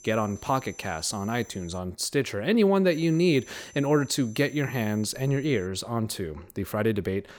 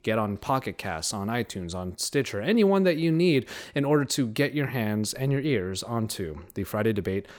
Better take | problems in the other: second | high-pitched whine; faint; until 2 s and from 3 to 5.5 s; 6 kHz, 20 dB below the speech

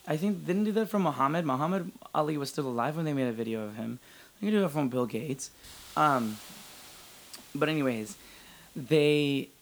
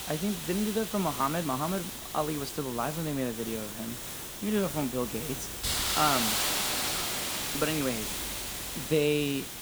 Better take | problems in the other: first | hiss; loud; throughout; 1 dB below the speech; faint in the first

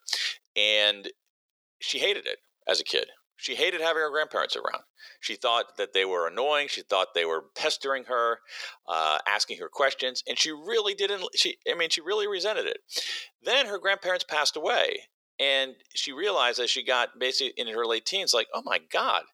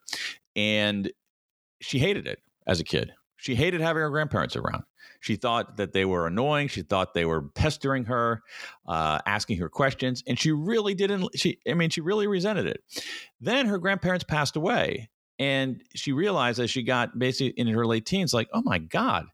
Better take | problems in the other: second | thin; very; fading below 450 Hz

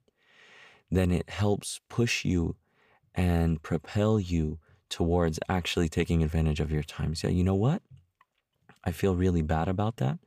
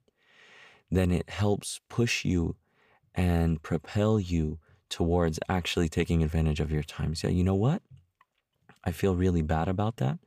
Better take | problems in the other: neither | none

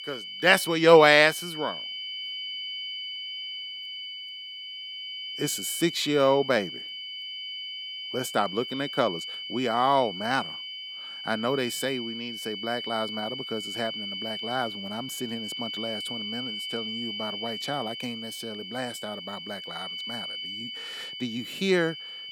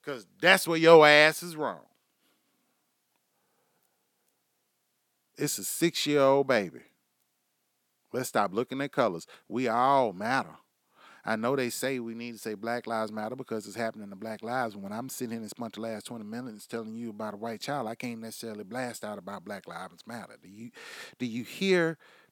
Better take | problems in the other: second | high-pitched whine; loud; throughout; 3 kHz, 8 dB below the speech

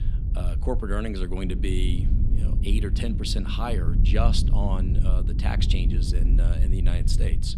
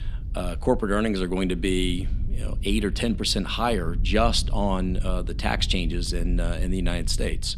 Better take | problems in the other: second | low rumble; loud; throughout; 7 dB below the speech; faint in the second

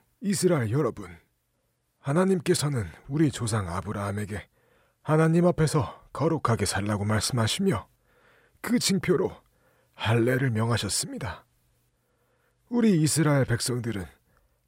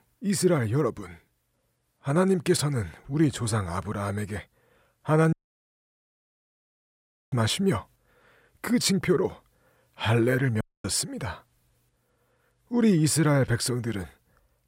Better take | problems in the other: first | audio cutting out; at 5.5 s for 2 s and at 11 s

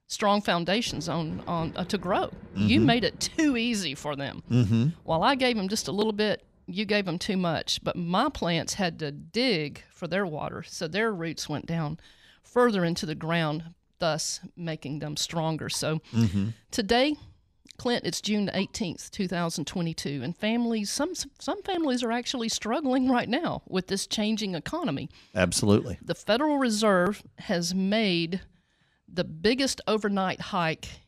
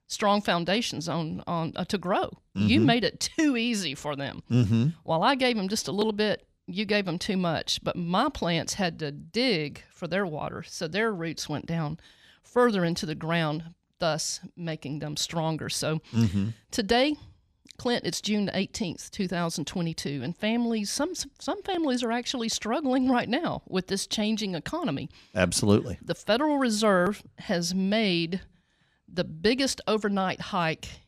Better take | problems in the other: second | rain or running water; faint; throughout; 20 dB below the speech

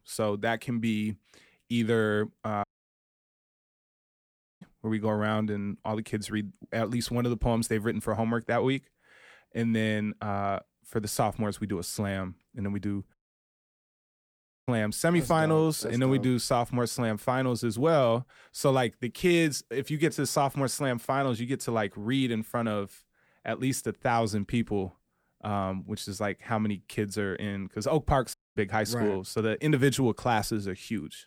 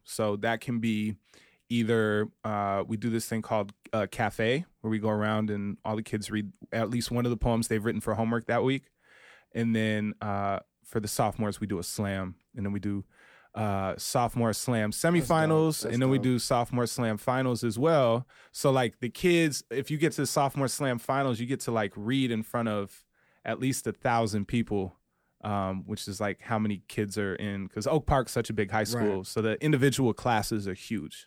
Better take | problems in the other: second | audio cutting out; at 2.5 s for 2 s, at 13 s for 1.5 s and at 28 s

